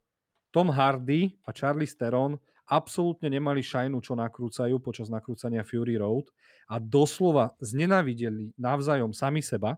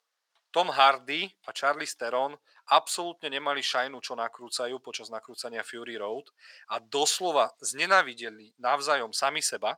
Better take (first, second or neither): first